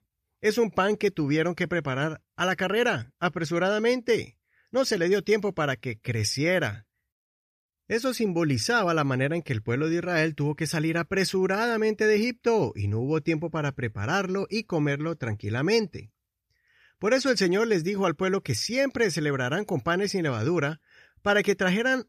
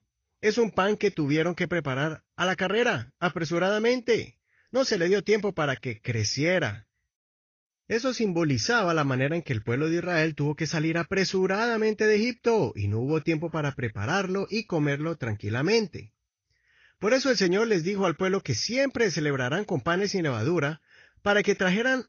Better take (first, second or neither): first